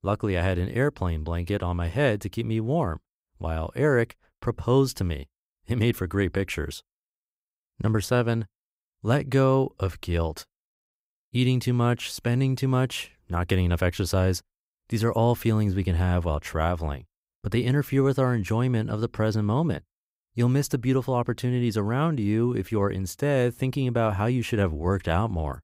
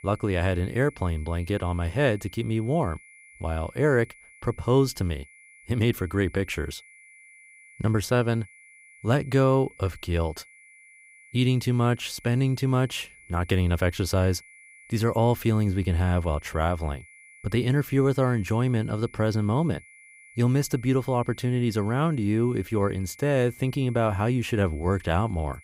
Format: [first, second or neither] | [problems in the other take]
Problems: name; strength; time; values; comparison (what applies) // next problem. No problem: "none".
first | high-pitched whine; faint; throughout; 2 kHz, 25 dB below the speech